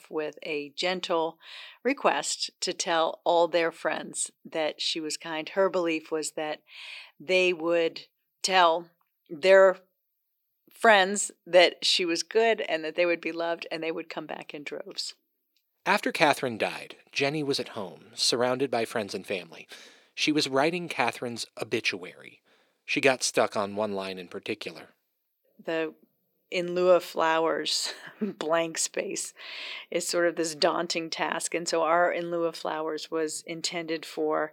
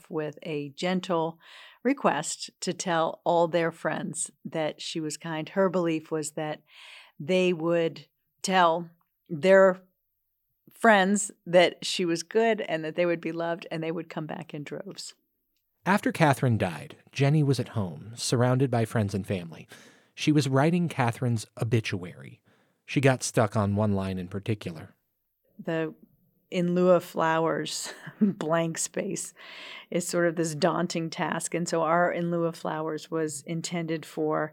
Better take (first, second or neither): second